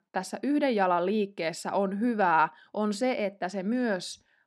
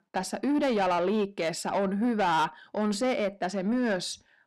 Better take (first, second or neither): first